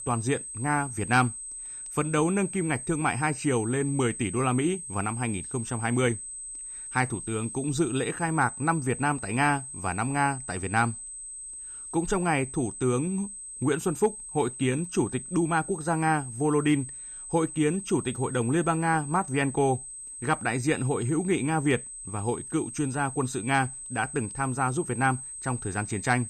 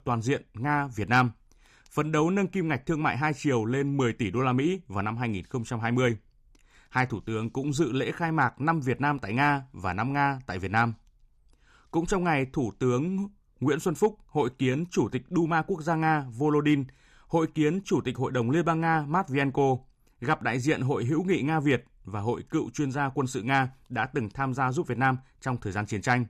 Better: second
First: high-pitched whine; loud; throughout; 8 kHz, 9 dB below the speech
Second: none

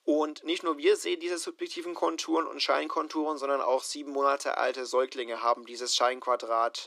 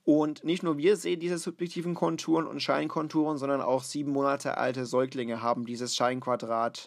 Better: second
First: thin; somewhat; fading below 350 Hz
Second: none

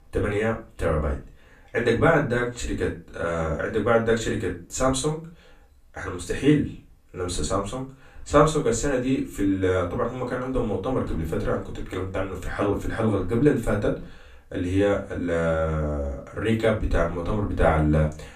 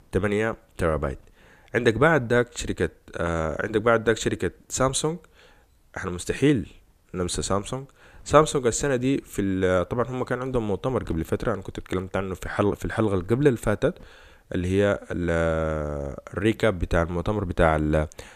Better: second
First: room echo; slight; dies away in 0.3 s // off-mic speech; far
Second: none

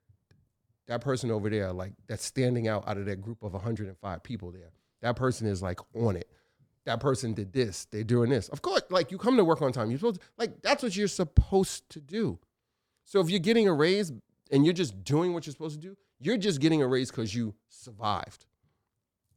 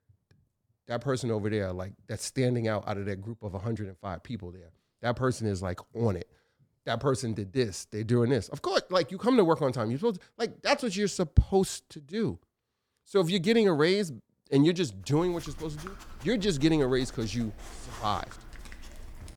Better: first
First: none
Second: dog barking; faint; from 15 s on; peak 15 dB below the speech

